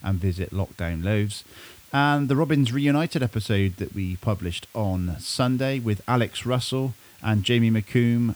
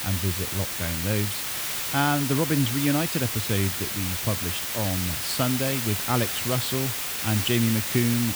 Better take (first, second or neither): first